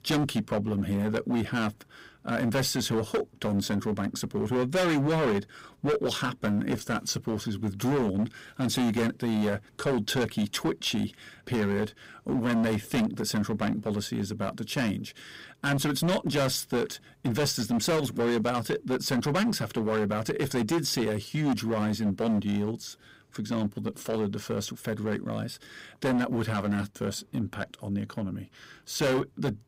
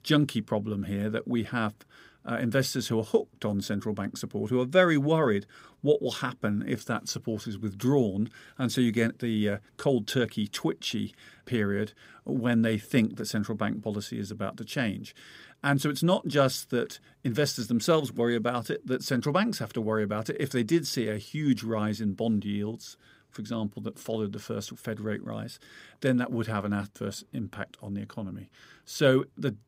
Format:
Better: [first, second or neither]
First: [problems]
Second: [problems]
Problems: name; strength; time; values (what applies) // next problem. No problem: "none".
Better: second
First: distortion; heavy; 13% of the sound clipped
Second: none